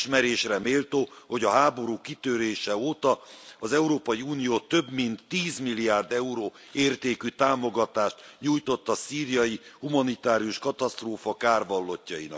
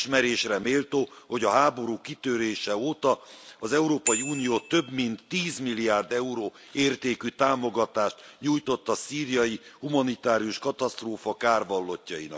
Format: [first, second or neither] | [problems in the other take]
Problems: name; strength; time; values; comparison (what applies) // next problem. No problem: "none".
first | background sound (Bicycle bell); 10 dB below the speech